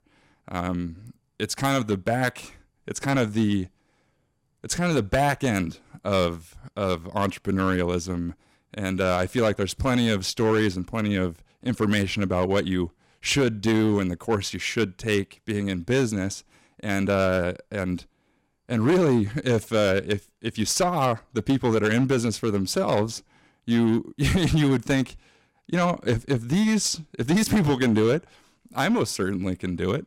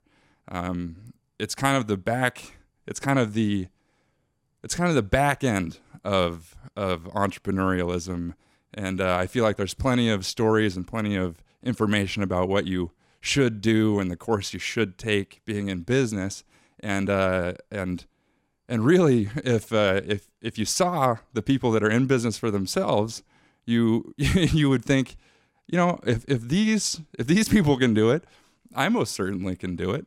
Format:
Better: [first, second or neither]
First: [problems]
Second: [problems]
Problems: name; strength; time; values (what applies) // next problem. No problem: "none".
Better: second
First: distortion; slight; 6% of the sound clipped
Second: none